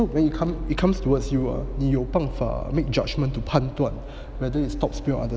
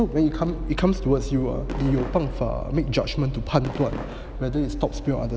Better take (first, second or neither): first